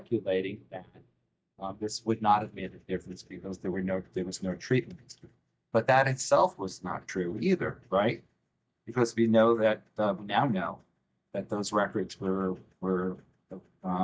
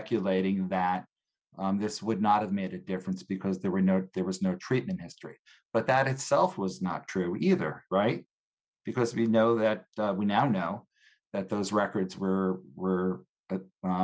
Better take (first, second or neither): second